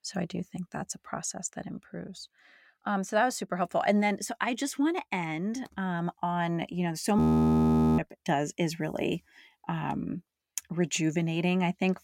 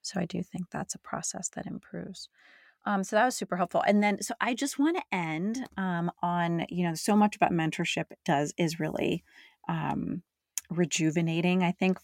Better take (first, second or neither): second